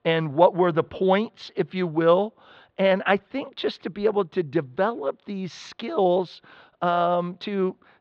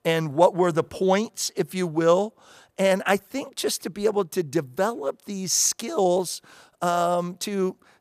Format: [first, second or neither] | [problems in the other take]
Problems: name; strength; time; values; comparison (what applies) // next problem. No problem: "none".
second | muffled; very; fading above 3.5 kHz